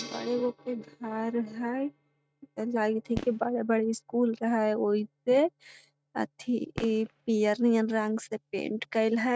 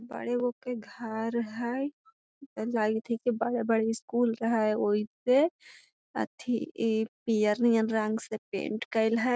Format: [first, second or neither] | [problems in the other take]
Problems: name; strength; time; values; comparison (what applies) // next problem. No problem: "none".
second | noise reduction (neural mask model RNNoise)